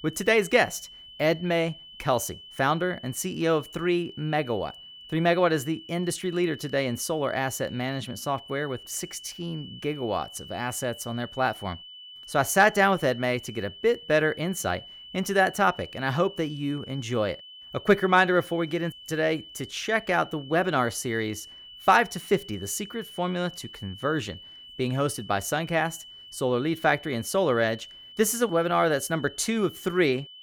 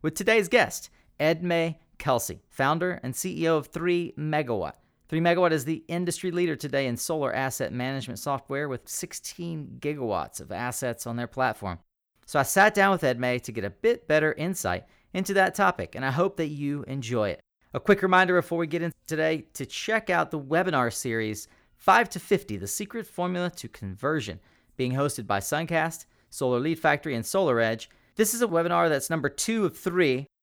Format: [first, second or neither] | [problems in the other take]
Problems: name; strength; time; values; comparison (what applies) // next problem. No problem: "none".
second | high-pitched whine; noticeable; throughout; 3 kHz, 15 dB below the speech